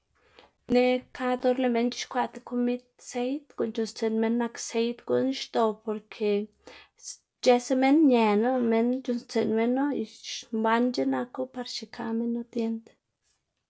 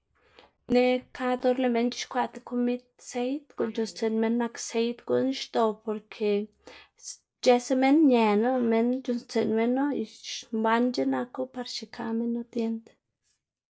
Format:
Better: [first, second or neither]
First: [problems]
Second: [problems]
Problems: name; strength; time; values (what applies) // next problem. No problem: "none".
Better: first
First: none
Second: noise reduction (neural mask model Resemble Enhance denoiser)